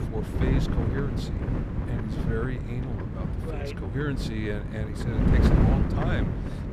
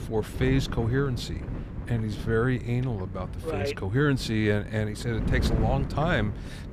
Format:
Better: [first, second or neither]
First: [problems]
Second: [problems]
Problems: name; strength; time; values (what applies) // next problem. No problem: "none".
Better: second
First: wind noise on the microphone; heavy; 1 dB above the speech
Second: wind noise on the microphone; occasional gusts; 10 dB below the speech